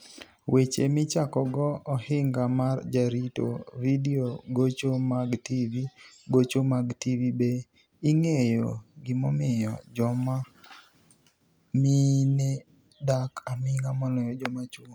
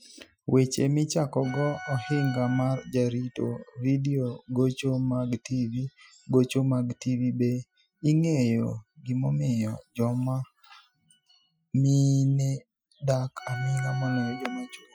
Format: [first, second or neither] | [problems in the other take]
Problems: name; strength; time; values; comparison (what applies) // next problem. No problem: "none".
first | noise reduction (classical method Wiener filter)